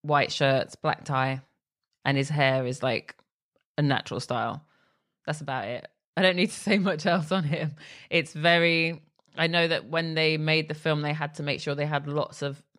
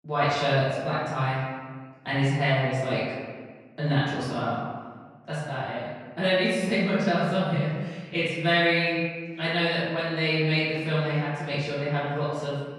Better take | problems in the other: first | room echo; strong; dies away in 1.5 s // off-mic speech; far

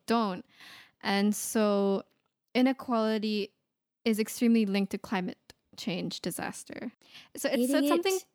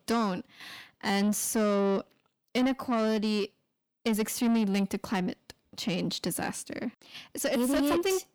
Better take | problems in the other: first | distortion; slight; 10 dB below the speech

